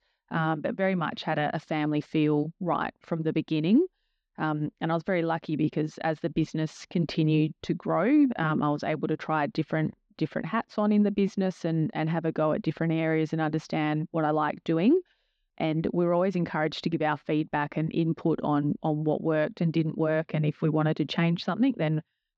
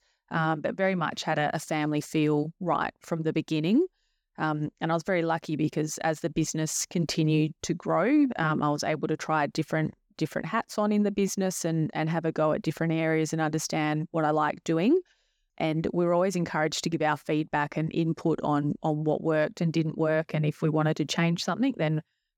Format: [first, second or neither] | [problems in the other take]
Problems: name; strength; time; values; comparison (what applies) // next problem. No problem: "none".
second | muffled; slightly; fading above 4 kHz